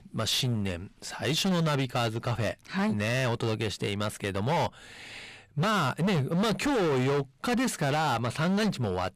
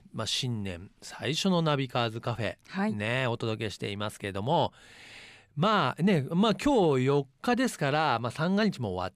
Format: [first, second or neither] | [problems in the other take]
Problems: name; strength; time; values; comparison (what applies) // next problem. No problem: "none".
second | distortion; heavy; 21% of the sound clipped